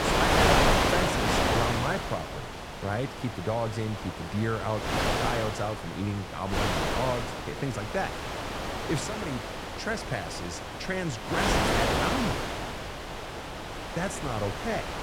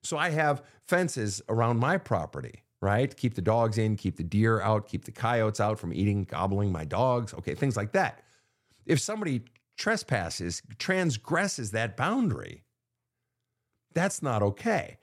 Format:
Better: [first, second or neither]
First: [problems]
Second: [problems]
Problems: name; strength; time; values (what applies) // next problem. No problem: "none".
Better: second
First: wind noise on the microphone; heavy; 4 dB above the speech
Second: none